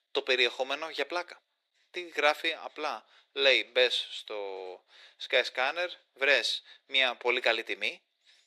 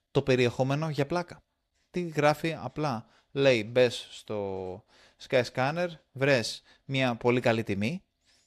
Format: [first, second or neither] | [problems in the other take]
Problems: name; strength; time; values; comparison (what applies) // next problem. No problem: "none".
second | thin; very; fading below 350 Hz